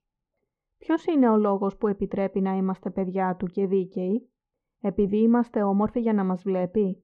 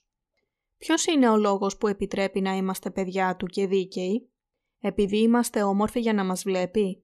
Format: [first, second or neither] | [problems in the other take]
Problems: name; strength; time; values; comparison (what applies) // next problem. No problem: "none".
second | muffled; very; fading above 1 kHz